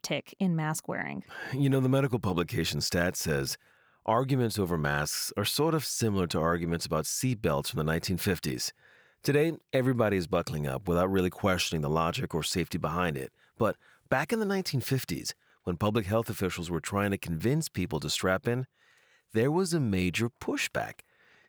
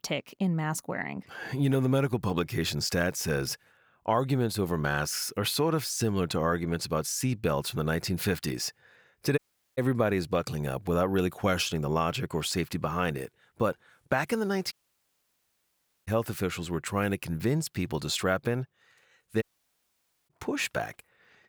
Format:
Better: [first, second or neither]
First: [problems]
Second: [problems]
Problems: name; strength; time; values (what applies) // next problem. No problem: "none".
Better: first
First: none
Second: audio cutting out; at 9.5 s, at 15 s for 1.5 s and at 19 s for 1 s